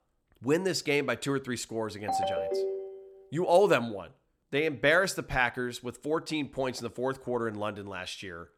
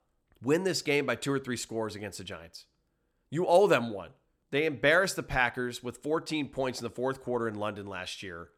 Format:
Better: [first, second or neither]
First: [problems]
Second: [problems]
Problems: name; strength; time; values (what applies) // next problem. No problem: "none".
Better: second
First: phone ringing; noticeable; at 2 s; peak 1 dB below the speech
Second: none